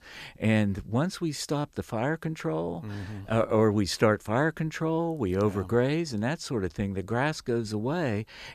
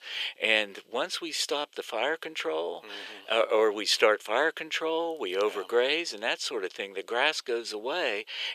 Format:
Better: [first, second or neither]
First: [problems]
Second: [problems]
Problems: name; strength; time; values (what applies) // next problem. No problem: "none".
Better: first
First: none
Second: thin; very; fading below 450 Hz